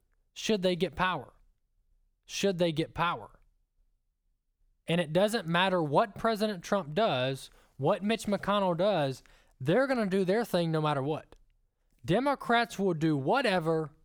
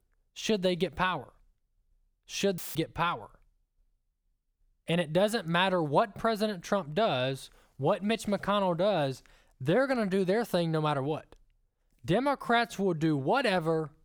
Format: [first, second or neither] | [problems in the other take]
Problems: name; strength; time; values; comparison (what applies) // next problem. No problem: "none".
first | audio cutting out; filled with static; at 2.5 s